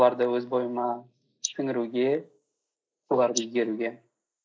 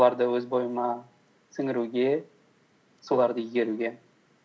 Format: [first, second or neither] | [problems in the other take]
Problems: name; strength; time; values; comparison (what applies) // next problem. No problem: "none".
second | noise reduction (neural mask model Resemble Enhance denoiser)